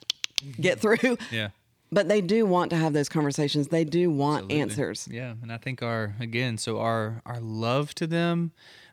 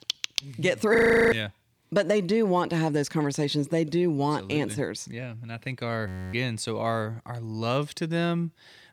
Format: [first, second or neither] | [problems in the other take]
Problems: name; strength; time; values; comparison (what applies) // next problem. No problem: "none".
first | audio freezing; at 1 s and at 6 s